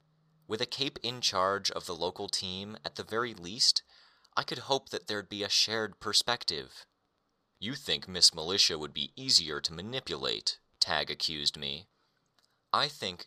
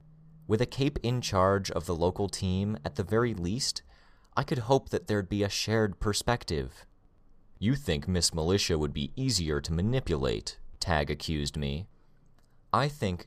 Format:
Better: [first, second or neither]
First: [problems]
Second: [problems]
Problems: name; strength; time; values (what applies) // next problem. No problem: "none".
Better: second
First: thin; somewhat; fading below 600 Hz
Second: none